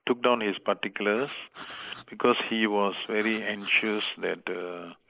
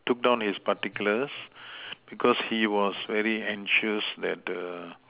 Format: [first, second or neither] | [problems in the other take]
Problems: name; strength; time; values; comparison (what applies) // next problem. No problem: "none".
second | noise reduction (neural mask model Resemble Enhance denoiser)